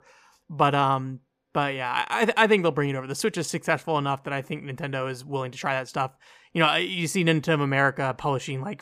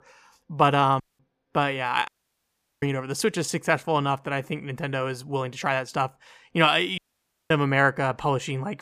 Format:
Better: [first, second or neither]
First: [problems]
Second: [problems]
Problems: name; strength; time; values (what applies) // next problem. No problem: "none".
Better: first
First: none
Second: audio cutting out; at 1 s, at 2 s for 0.5 s and at 7 s for 0.5 s